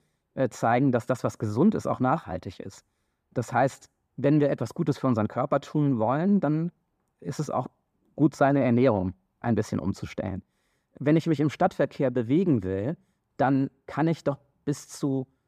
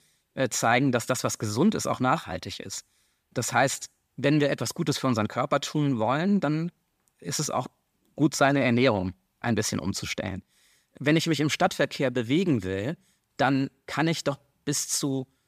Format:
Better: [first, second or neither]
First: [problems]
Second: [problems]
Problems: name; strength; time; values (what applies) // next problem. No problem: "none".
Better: second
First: muffled; slightly; fading above 1.5 kHz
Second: none